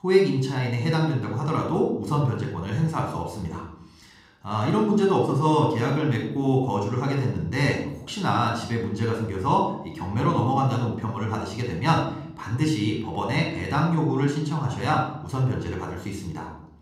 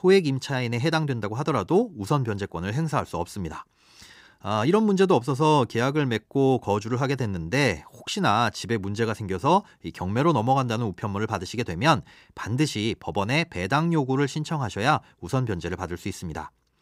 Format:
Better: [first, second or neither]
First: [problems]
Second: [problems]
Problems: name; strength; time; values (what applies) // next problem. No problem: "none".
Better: second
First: off-mic speech; somewhat distant // room echo; noticeable; dies away in 0.7 s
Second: none